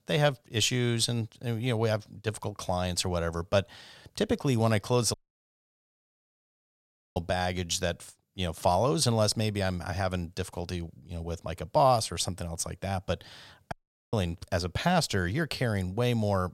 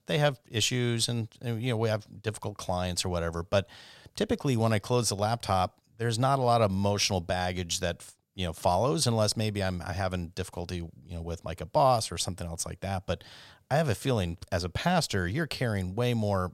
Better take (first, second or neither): second